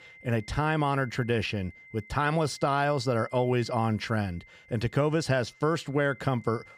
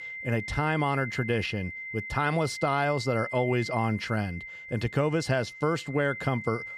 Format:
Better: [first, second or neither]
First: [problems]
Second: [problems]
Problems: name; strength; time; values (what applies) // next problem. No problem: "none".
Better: first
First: high-pitched whine; faint; throughout; 2 kHz, 25 dB below the speech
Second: high-pitched whine; loud; throughout; 2 kHz, 9 dB below the speech